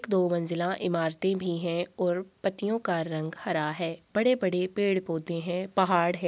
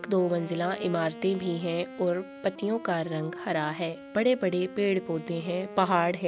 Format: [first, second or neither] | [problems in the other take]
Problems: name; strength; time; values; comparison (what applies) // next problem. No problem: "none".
first | background sound (Wind instrument, woodwind instrument); 14 dB below the speech